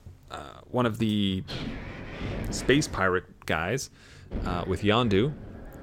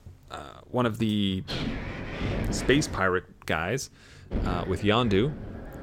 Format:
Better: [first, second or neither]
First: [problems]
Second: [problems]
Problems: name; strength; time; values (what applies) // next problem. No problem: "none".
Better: first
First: wind noise on the microphone; occasional gusts; from 1.5 to 3 s and from 4.5 s on; 15 dB below the speech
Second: wind noise on the microphone; heavy; from 1.5 to 3 s and from 4.5 s on; 10 dB below the speech